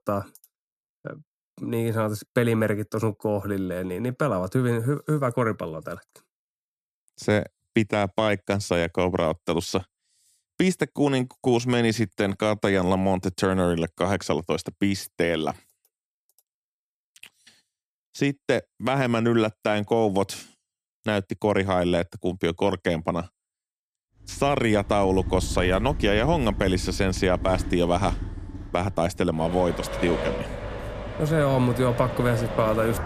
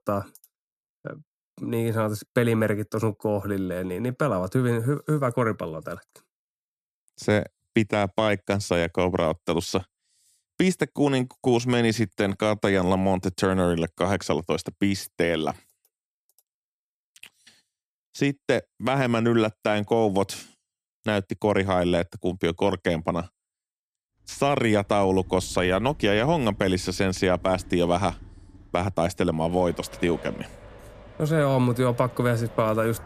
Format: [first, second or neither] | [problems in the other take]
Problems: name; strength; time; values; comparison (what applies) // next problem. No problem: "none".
second | traffic noise; loud; from 25 s on; 8 dB below the speech; faint in the second